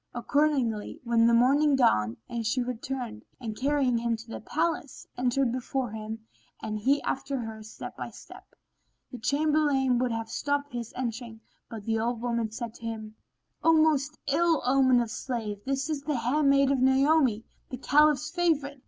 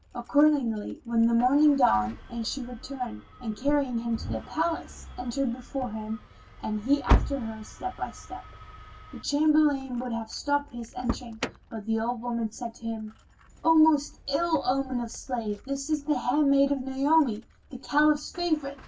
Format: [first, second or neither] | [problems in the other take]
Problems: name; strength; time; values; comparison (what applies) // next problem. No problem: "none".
first | background sound (Engine starting); 10 dB below the speech // room echo; dies away in 0.2 s